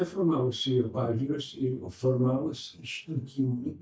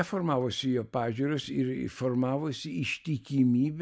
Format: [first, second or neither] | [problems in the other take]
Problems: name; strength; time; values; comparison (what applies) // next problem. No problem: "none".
second | noise reduction (neural mask model DeepFilterNet 3)